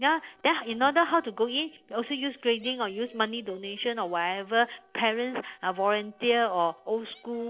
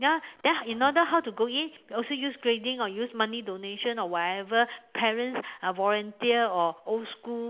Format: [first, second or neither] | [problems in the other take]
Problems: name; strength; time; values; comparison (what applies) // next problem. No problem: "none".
second | noise reduction (neural separator model SepFormer DNS4)